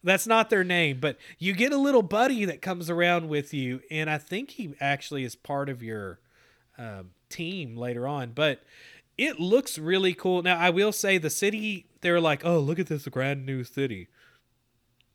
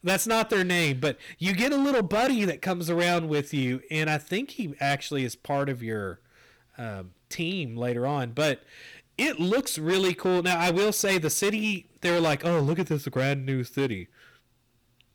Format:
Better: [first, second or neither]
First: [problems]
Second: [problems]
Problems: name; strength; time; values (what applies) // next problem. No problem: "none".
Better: first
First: none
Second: distortion; heavy; 12% of the sound clipped